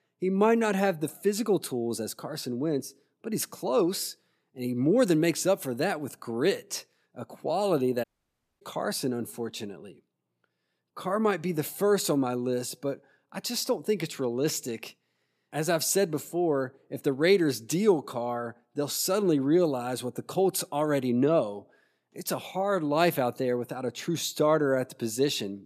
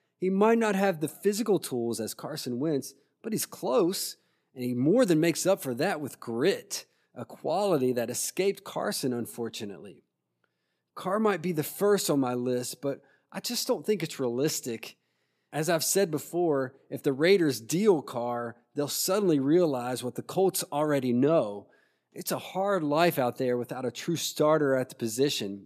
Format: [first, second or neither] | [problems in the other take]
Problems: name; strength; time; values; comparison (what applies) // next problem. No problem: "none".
second | audio cutting out; at 8 s for 0.5 s